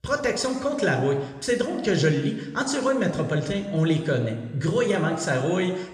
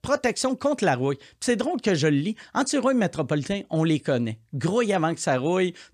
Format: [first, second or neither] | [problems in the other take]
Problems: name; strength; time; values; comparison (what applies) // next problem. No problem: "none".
second | room echo; slight; dies away in 1 s